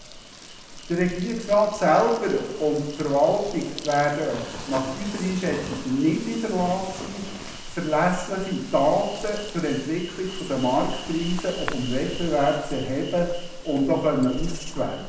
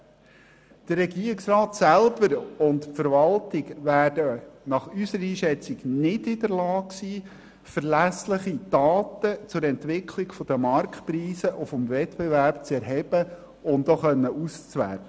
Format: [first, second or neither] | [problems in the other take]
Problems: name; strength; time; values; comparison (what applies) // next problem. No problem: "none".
second | background sound (Insect); 10 dB below the speech // room echo; dies away in 0.8 s